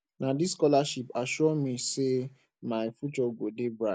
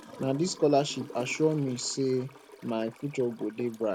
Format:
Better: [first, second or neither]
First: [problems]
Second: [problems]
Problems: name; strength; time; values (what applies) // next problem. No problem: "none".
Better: first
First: none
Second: background sound (Toilet flush / Gurgling); 17 dB below the speech